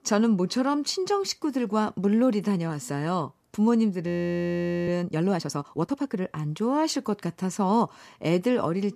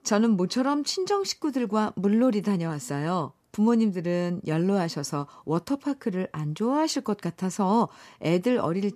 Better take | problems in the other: second | audio freezing; at 4 s for 1 s

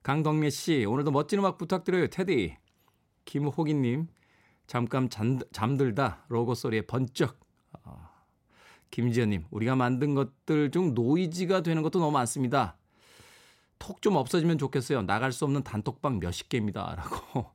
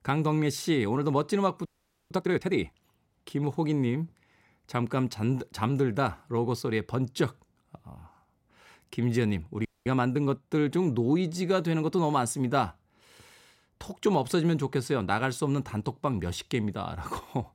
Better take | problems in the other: first | audio freezing; at 1.5 s and at 9.5 s

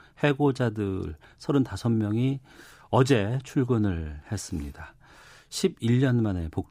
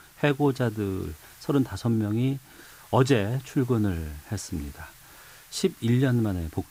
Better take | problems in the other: first | hiss; faint; throughout; 25 dB below the speech

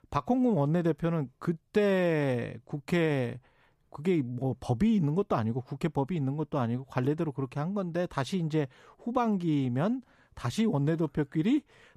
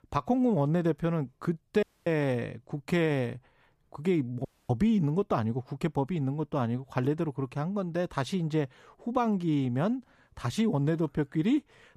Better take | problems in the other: first | audio cutting out; at 2 s and at 4.5 s

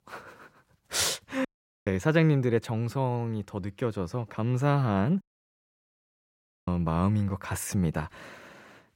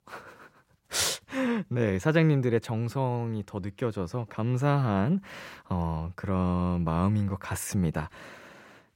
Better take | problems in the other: second | audio cutting out; at 1.5 s and at 5 s for 1.5 s

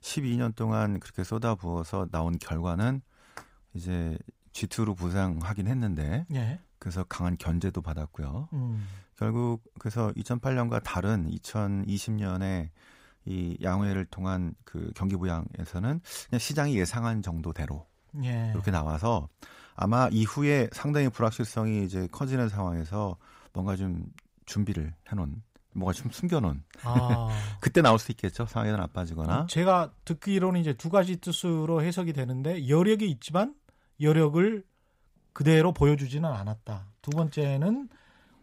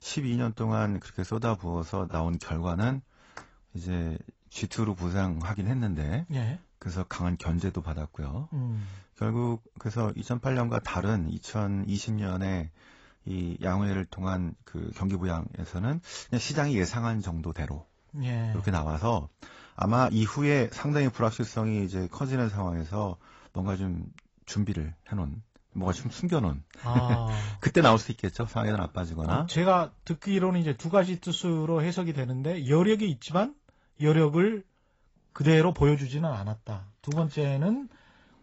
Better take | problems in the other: first | garbled, watery; badly; nothing above 7.5 kHz

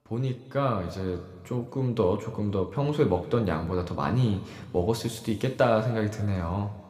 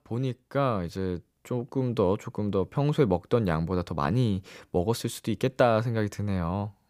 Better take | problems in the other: second | room echo; slight; dies away in 1.8 s

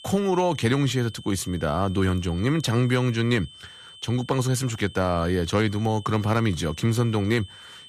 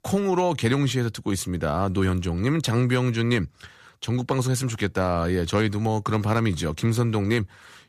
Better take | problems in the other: second | high-pitched whine; noticeable; throughout; 3 kHz, 20 dB below the speech

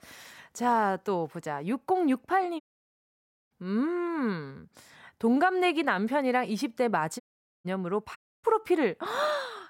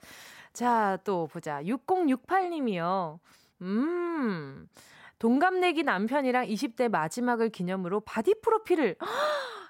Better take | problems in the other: second | audio cutting out; at 2.5 s for 1 s, at 7 s and at 8 s

